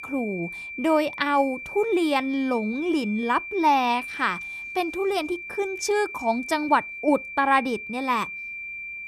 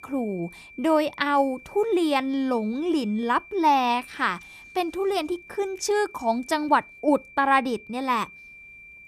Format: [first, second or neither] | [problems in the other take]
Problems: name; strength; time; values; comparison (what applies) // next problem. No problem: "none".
second | high-pitched whine; loud; throughout; 2.5 kHz, 9 dB below the speech; faint in the second